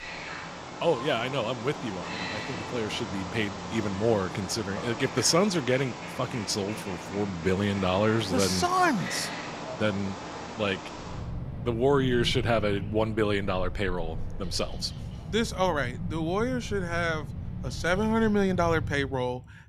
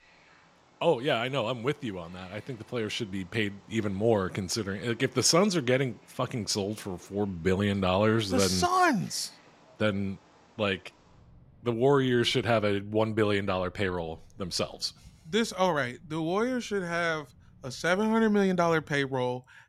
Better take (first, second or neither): second